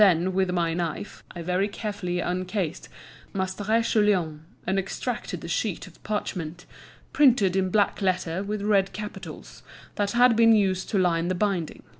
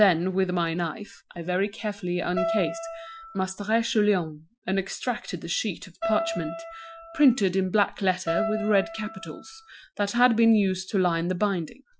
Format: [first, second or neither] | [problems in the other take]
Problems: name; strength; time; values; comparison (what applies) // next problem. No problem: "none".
first | noise reduction (classical method Wiener filter)